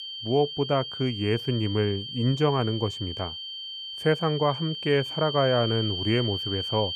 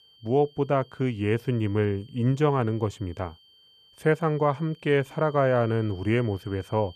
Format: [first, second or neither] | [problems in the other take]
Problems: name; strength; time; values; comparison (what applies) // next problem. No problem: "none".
second | high-pitched whine; loud; throughout; 3 kHz, 6 dB below the speech; faint in the second